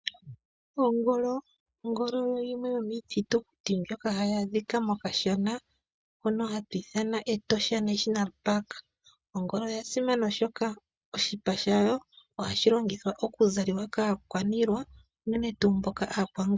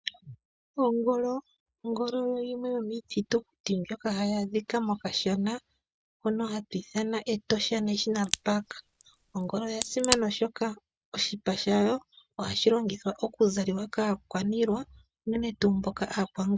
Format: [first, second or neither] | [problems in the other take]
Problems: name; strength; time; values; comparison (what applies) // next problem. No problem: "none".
first | background sound (Crack); 5 dB below the speech